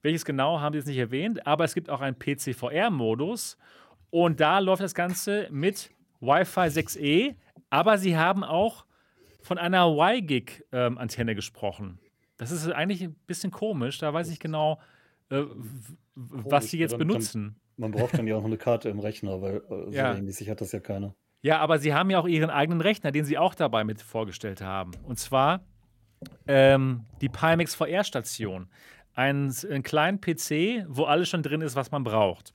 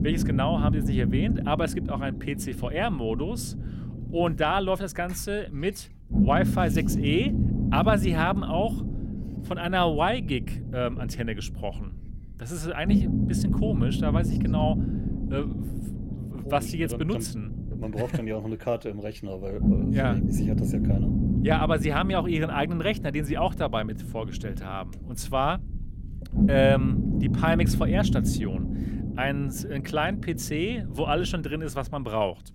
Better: first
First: none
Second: low rumble; loud; throughout; 8 dB below the speech

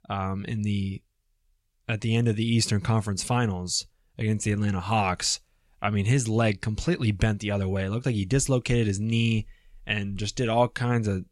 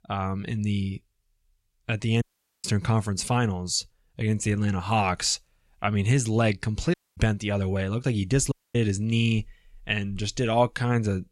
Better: first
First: none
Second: audio cutting out; at 2 s, at 7 s and at 8.5 s

